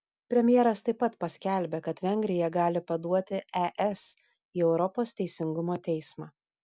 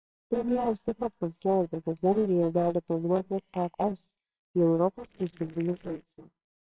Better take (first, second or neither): first